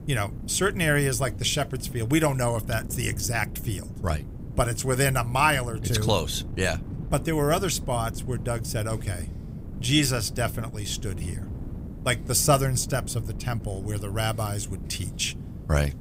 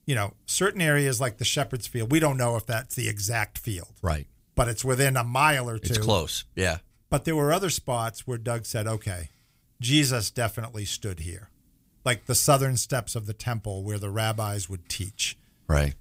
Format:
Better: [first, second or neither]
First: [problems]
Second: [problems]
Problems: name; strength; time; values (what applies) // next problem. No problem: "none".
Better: second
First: wind noise on the microphone; occasional gusts; 20 dB below the speech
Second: none